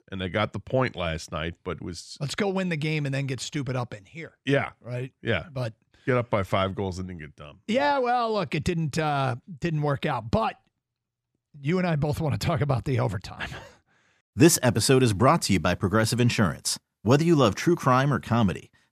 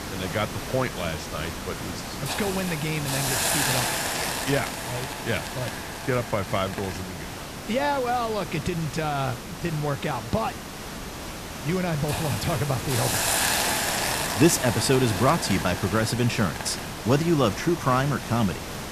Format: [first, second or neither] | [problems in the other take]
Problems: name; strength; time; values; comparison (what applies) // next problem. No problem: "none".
first | hiss; loud; throughout; 3 dB below the speech